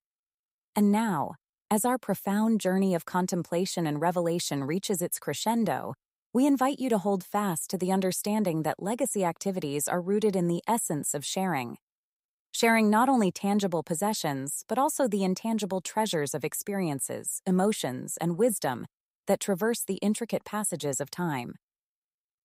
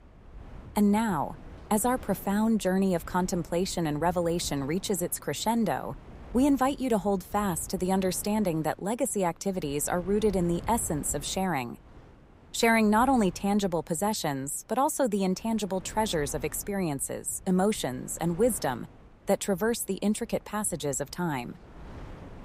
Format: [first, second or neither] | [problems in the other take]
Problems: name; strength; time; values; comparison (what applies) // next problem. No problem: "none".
first | wind noise on the microphone; occasional gusts; 25 dB below the speech